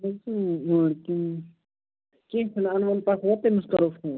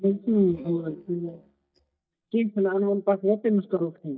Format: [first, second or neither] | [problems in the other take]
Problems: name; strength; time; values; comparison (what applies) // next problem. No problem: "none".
first | noise reduction (neural mask model DeepFilterNet 3)